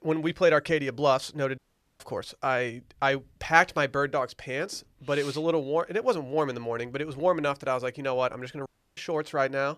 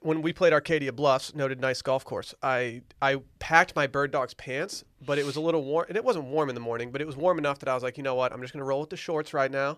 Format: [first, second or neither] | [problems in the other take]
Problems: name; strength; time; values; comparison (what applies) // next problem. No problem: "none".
second | audio cutting out; at 1.5 s and at 8.5 s